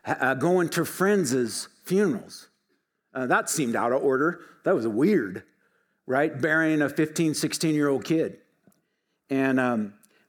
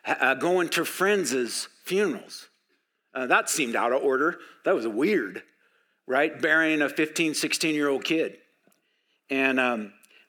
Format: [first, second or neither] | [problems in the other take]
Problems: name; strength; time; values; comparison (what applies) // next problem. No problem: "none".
first | thin; very slightly; fading below 300 Hz